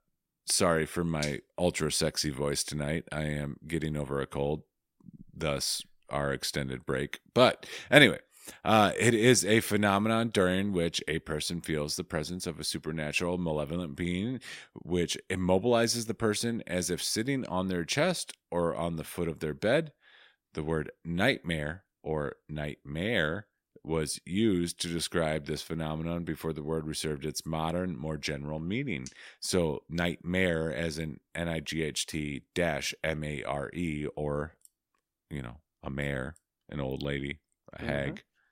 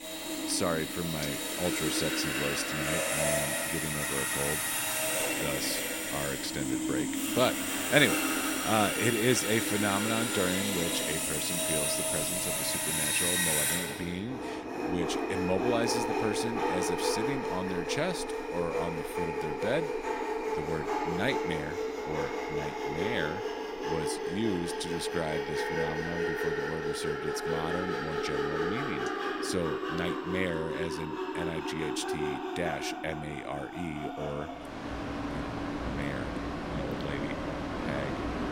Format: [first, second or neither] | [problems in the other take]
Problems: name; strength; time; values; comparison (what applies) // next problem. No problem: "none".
first | machinery noise; very loud; throughout; 3 dB above the speech